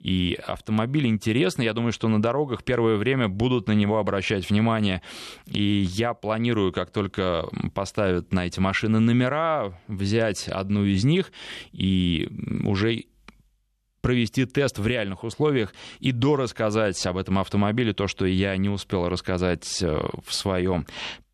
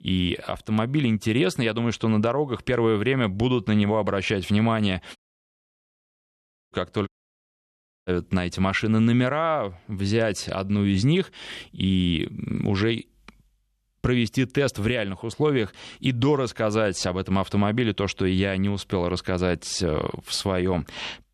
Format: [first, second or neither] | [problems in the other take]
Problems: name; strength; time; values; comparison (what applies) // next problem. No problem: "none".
first | audio cutting out; at 5 s for 1.5 s and at 7 s for 1 s